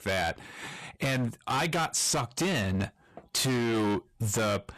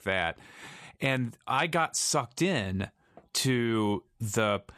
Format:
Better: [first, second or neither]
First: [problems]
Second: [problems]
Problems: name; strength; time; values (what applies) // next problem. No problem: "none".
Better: second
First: distortion; heavy; 22% of the sound clipped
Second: none